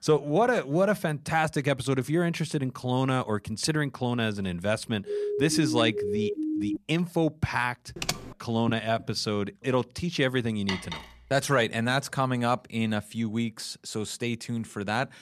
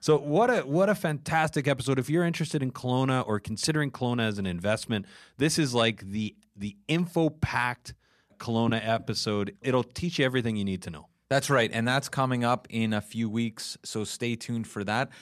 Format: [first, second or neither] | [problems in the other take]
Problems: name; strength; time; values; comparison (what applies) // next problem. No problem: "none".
second | siren; noticeable; from 5 to 7 s; peak 2 dB below the speech // keyboard typing; noticeable; at 8 s; peak 4 dB below the speech // clattering dishes; noticeable; at 11 s; peak 6 dB below the speech